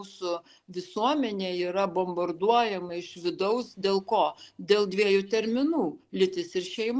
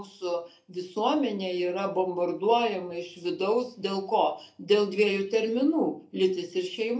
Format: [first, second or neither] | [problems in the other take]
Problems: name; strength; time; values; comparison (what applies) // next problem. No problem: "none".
first | room echo; dies away in 0.3 s